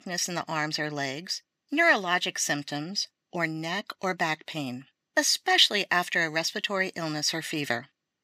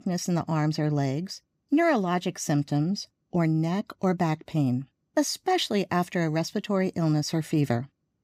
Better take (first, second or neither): second